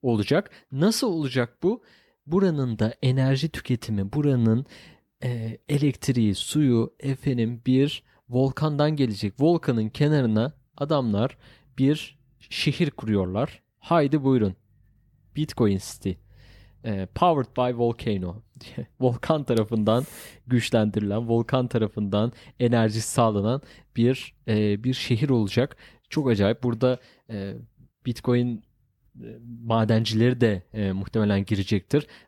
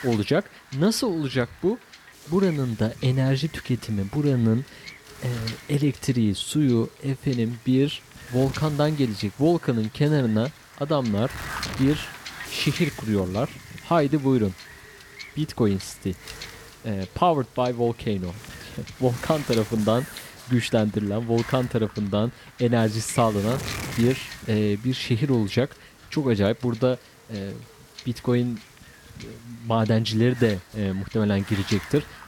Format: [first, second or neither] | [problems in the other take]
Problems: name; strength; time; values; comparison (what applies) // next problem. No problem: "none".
first | wind noise on the microphone; occasional gusts; 10 dB below the speech